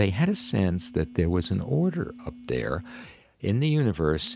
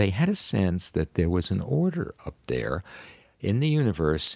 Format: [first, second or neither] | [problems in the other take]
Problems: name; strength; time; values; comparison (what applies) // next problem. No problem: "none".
second | background sound (Telephone); 20 dB below the speech